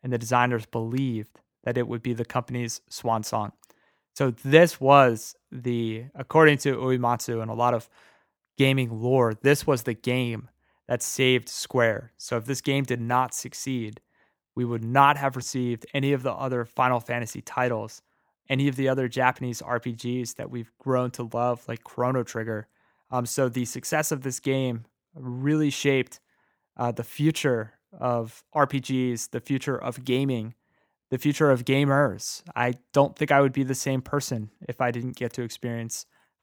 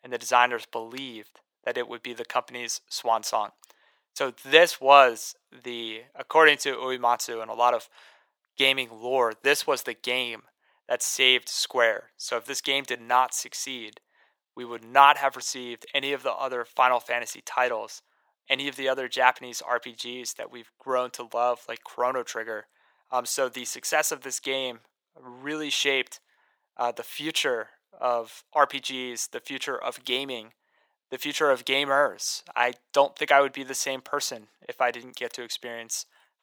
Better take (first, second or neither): first